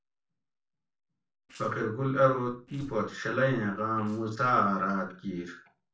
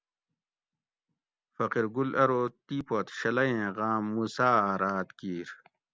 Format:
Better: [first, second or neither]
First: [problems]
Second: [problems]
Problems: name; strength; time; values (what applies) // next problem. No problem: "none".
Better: second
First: noise reduction (neural separator model SepFormer DNS4)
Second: none